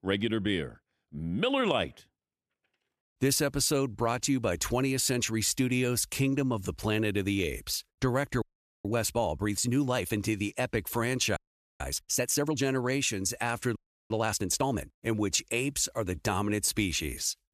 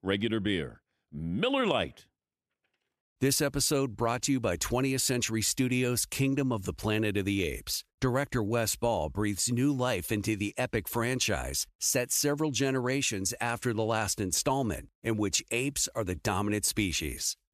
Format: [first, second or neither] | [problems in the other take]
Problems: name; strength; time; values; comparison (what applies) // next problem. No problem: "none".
second | audio freezing; at 8.5 s, at 11 s and at 14 s